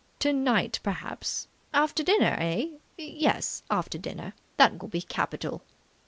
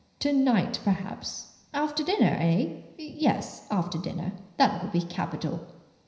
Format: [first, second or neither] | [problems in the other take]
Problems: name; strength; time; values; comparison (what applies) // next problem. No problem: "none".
first | room echo; dies away in 0.9 s